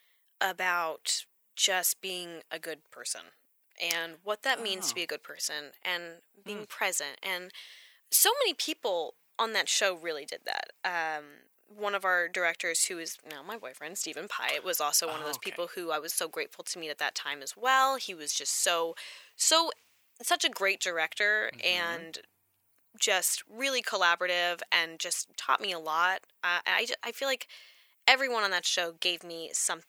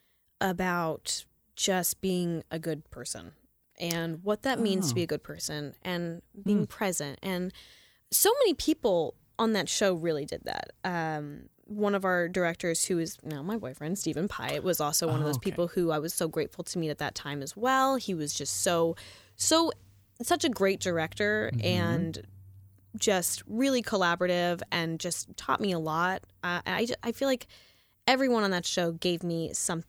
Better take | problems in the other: second | thin; very; fading below 700 Hz

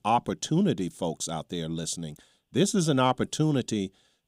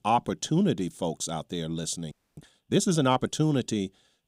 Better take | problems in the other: first | audio freezing; at 2 s

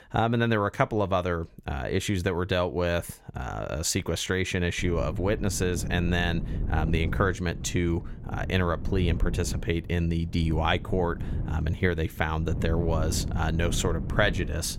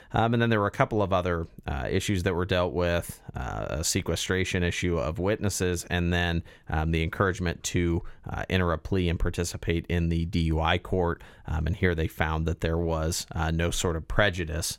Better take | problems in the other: second | wind noise on the microphone; occasional gusts; from 5 s on; 15 dB below the speech

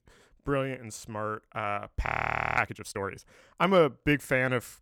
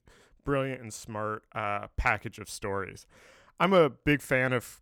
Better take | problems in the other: second | audio freezing; at 2 s for 0.5 s

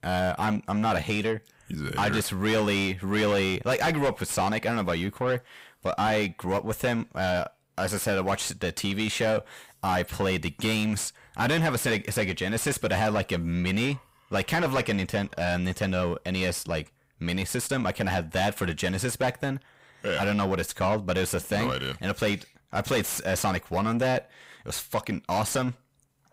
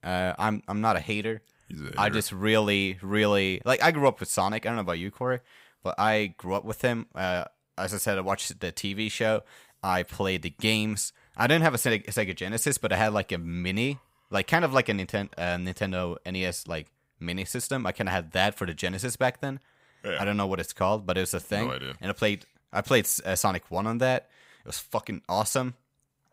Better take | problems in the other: second | distortion; heavy; 6 dB below the speech

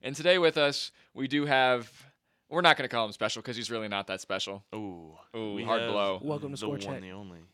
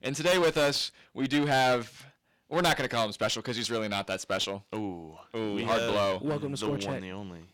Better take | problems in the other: first | distortion; heavy; 8% of the sound clipped

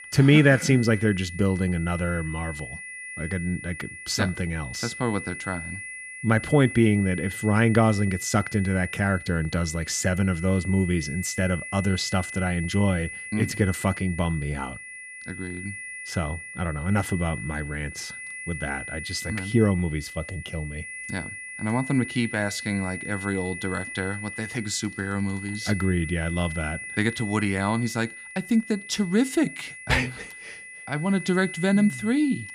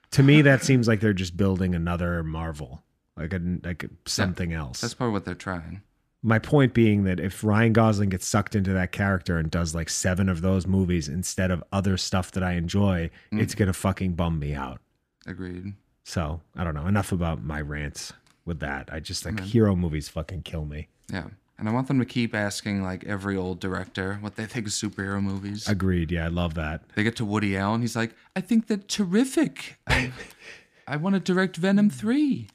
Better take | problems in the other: second | high-pitched whine; noticeable; throughout; 2 kHz, 10 dB below the speech

